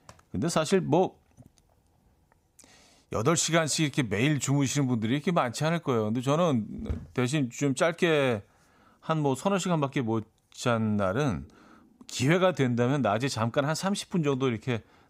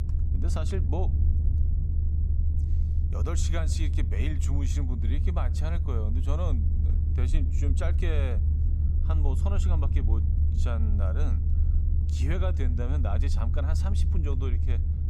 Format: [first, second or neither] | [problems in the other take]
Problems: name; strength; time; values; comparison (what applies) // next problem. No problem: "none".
first | low rumble; loud; throughout; 4 dB below the speech